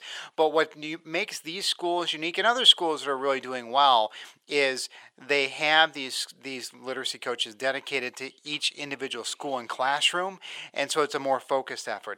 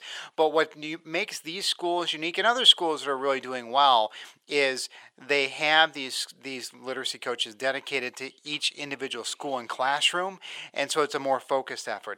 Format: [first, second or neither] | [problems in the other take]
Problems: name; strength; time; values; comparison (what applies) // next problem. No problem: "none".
neither | thin; very; fading below 750 Hz; the same in both